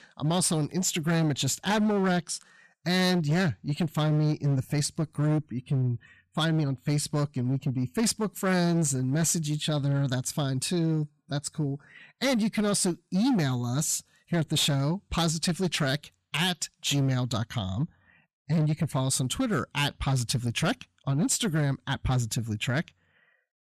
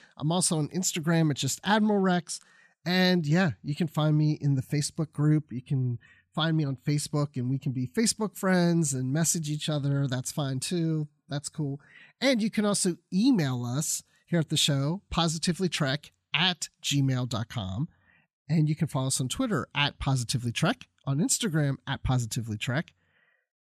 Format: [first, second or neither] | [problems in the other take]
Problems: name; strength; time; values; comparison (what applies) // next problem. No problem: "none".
second | distortion; slight; 12% of the sound clipped